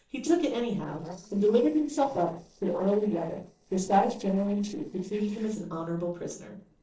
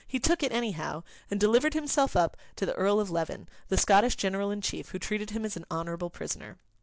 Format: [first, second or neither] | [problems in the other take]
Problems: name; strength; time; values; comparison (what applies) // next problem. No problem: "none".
second | noise reduction (neural separator model SepFormer DNS4)